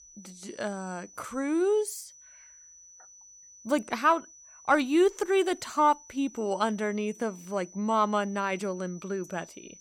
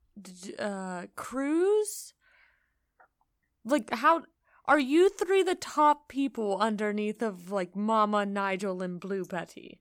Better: second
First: high-pitched whine; faint; throughout; 6 kHz, 20 dB below the speech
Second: none

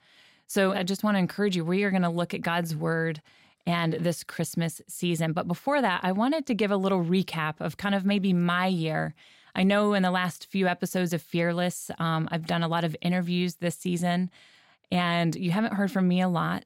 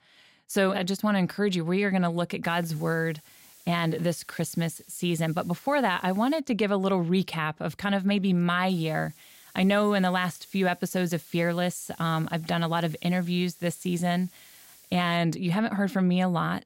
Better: first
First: none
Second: hiss; faint; from 2.5 to 6.5 s and from 8.5 to 15 s; 25 dB below the speech

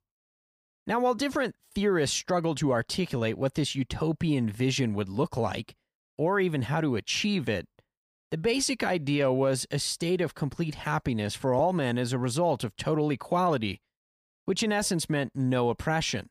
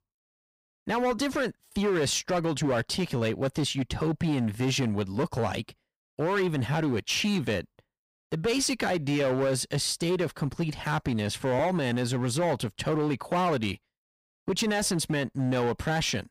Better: first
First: none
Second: distortion; slight; 13% of the sound clipped

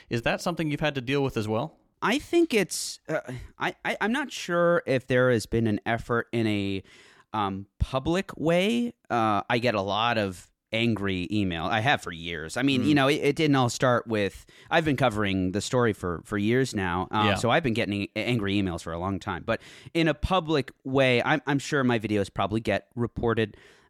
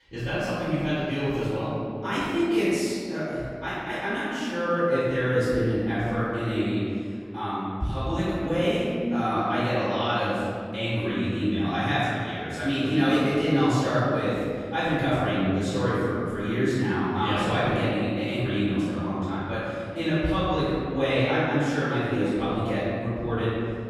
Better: first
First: none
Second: off-mic speech; far // room echo; strong; dies away in 2.2 s

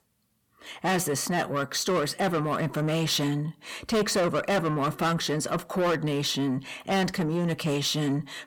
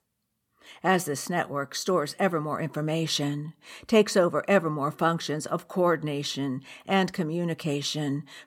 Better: second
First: distortion; heavy; 6 dB below the speech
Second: none

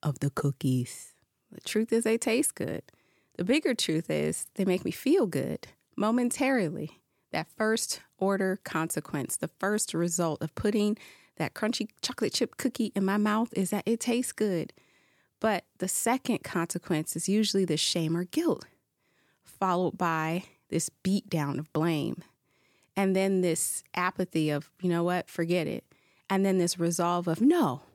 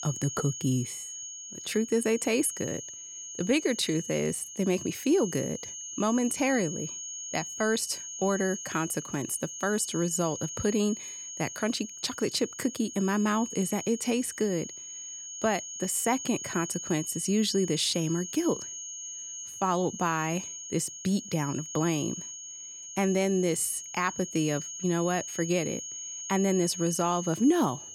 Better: first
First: none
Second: high-pitched whine; loud; throughout; 6.5 kHz, 8 dB below the speech

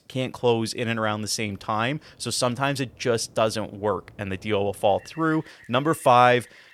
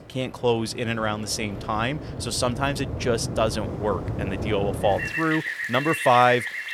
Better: first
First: rain or running water; faint; throughout; 30 dB below the speech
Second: rain or running water; loud; throughout; 6 dB below the speech

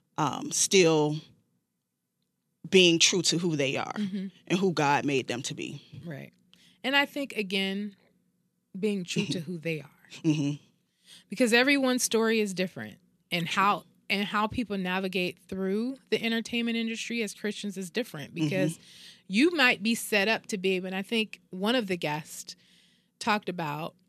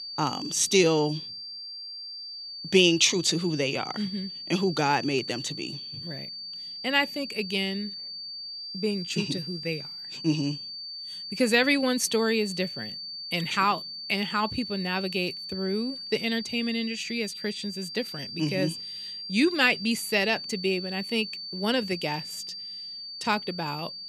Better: first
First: none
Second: high-pitched whine; loud; throughout; 4.5 kHz, 9 dB below the speech

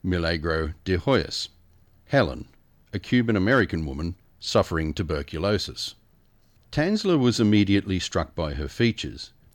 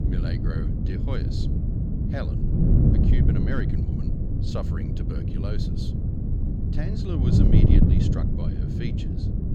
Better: first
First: none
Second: wind noise on the microphone; heavy; 4 dB above the speech

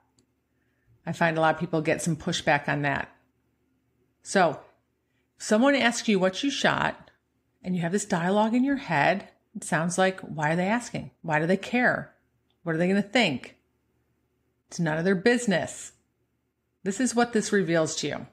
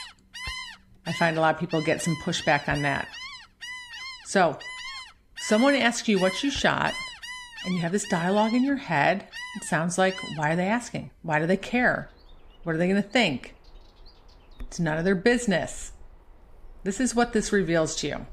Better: first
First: none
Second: animal sounds; noticeable; throughout; 10 dB below the speech

